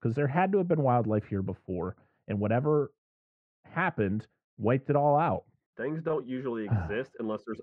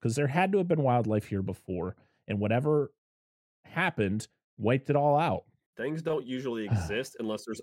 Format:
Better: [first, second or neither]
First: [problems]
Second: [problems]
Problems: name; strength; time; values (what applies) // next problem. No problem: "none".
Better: second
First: muffled; very; fading above 2 kHz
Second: none